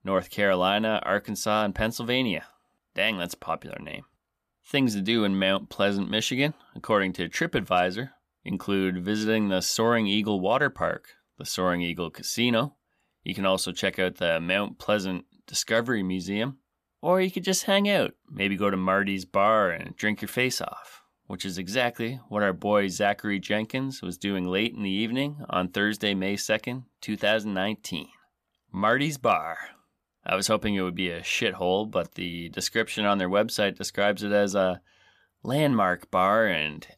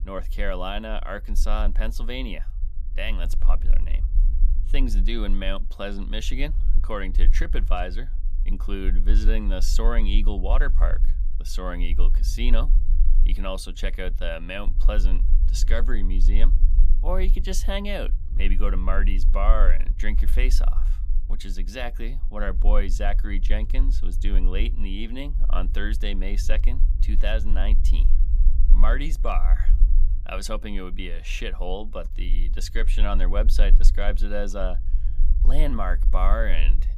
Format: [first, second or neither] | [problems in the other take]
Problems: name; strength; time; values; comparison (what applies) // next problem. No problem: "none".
first | low rumble; noticeable; throughout; 15 dB below the speech